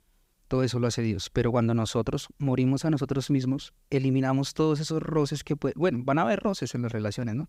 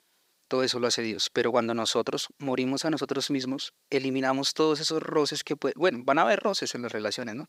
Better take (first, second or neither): first